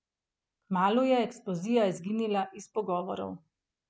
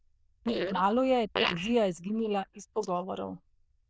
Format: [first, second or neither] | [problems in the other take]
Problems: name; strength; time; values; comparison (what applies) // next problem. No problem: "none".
first | noise reduction (neural diffusion model UNIVERSE++)